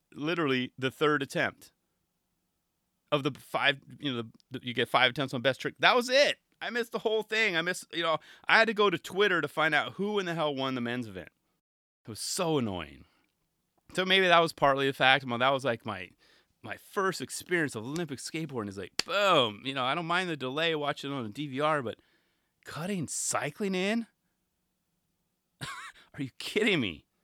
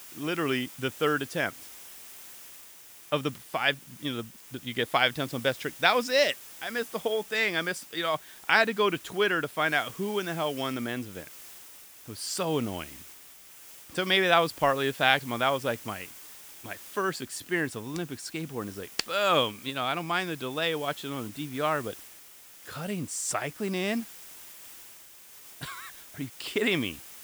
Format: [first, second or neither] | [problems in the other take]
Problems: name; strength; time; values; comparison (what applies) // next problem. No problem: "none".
first | hiss; noticeable; throughout; 15 dB below the speech